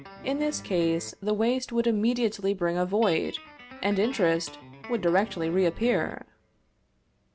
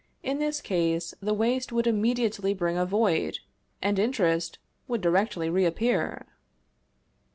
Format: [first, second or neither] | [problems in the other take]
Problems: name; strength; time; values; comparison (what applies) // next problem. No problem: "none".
second | background sound (Guitar); 19 dB below the speech